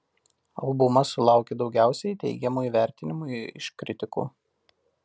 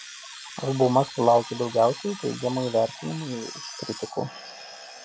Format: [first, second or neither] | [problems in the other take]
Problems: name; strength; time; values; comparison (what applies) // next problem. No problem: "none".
first | noise reduction (classical method log-MMSE)